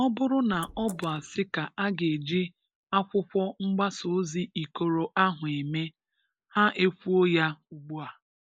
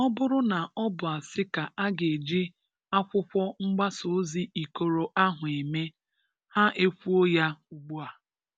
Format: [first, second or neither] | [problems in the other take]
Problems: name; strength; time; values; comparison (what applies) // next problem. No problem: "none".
second | noise reduction (neural mask model Resemble Enhance denoiser)